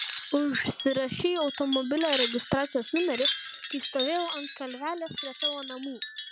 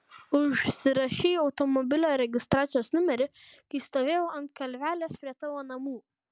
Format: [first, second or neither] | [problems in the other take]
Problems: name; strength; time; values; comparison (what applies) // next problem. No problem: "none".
second | background sound (Wind chime); 5 dB below the speech